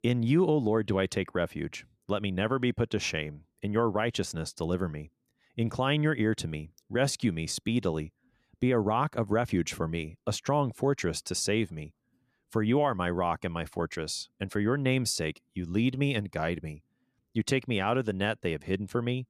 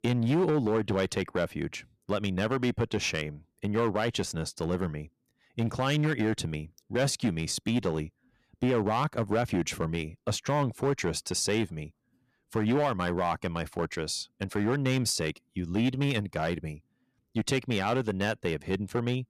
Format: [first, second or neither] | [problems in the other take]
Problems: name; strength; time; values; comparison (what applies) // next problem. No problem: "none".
first | distortion; slight; 5% of the sound clipped